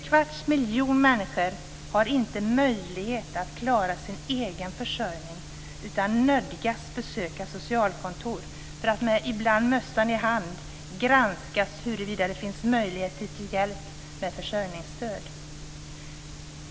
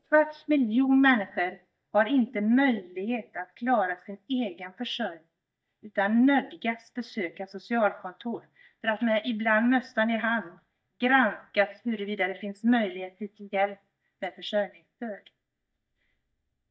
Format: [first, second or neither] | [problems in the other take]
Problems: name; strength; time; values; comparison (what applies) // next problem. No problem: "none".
first | noise reduction (neural mask model DeepFilterNet 3)